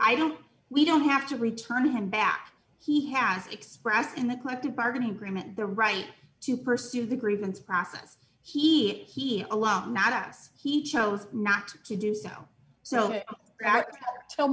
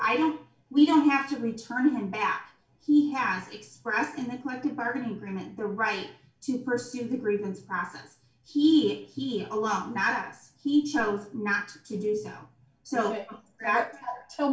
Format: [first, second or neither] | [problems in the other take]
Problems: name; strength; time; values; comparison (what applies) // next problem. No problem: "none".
first | room echo; dies away in 0.2 s